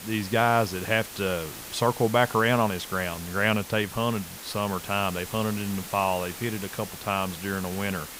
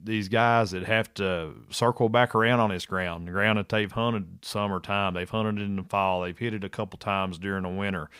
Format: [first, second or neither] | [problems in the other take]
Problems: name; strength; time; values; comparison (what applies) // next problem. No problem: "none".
second | hiss; noticeable; throughout; 10 dB below the speech